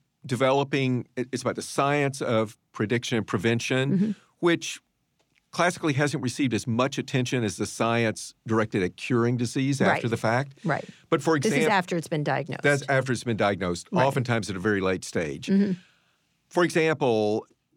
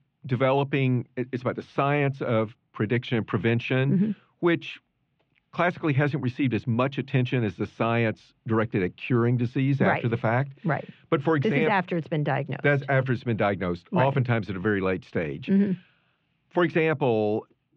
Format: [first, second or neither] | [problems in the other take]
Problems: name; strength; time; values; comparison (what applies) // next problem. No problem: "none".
first | muffled; very; fading above 3 kHz